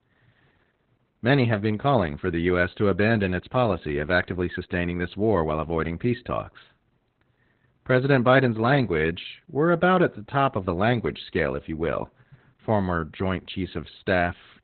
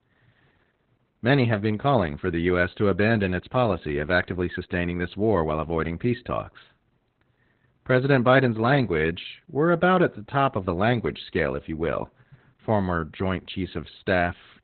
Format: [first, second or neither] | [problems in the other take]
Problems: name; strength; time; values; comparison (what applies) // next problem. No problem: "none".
neither | garbled, watery; badly; nothing above 4 kHz; the same in both